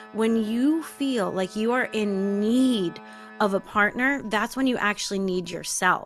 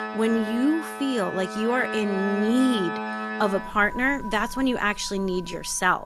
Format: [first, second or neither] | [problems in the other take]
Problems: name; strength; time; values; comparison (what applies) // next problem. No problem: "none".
first | background music; loud; throughout; 8 dB below the speech; faint in the first